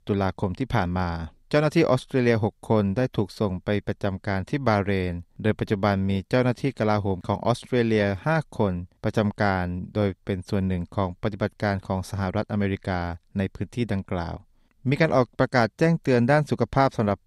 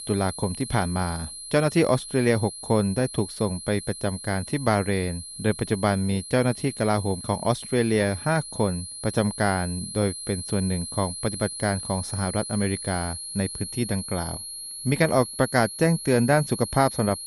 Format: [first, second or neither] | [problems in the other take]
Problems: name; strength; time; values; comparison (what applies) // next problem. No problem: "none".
first | high-pitched whine; loud; throughout; 4 kHz, 9 dB below the speech